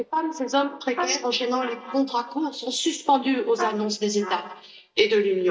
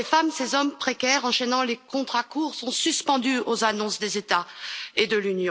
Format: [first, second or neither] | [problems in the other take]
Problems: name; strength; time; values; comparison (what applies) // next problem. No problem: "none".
second | noise reduction (neural mask model DeepFilterNet 3)